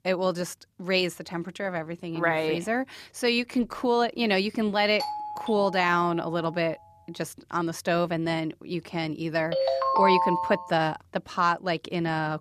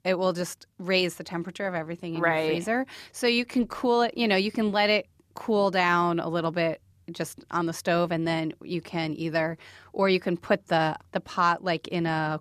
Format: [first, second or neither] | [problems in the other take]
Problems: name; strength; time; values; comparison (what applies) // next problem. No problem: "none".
second | doorbell; noticeable; from 5 to 6.5 s; peak 6 dB below the speech // phone ringing; loud; from 9.5 to 11 s; peak 5 dB above the speech